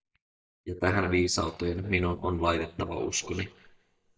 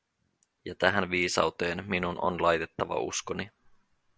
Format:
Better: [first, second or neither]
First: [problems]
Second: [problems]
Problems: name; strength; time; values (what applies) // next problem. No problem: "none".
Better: second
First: noise reduction (neural mask model DeepFilterNet 3)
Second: none